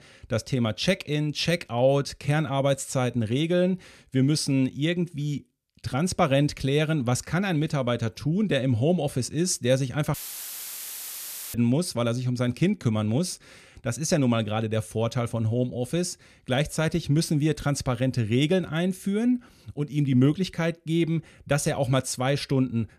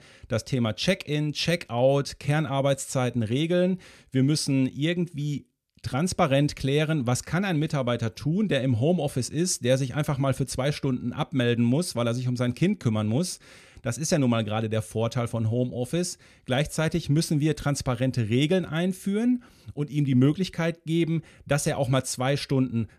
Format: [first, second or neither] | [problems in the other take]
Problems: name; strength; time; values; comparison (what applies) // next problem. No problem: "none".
second | audio cutting out; filled with static; at 10 s for 1.5 s